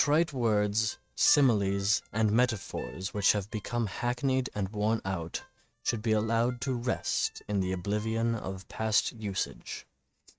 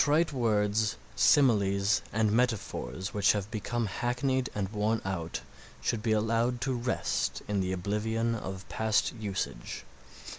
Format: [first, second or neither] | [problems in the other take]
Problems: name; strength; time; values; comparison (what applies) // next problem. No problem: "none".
second | noise reduction (neural mask model RNNoise)